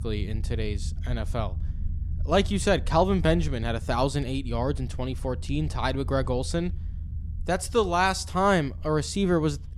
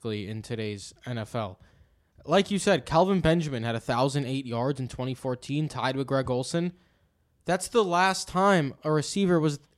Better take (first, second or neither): second